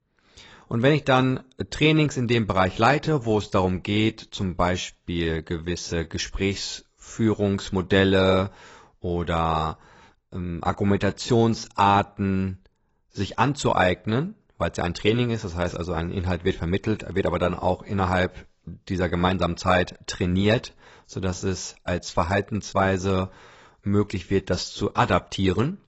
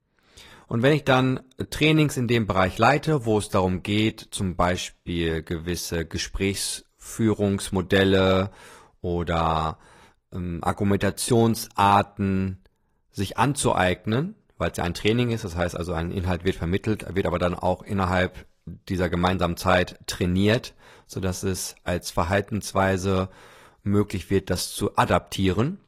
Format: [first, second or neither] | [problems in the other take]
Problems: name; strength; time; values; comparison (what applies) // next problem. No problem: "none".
second | garbled, watery; badly; nothing above 8 kHz; slightly in the second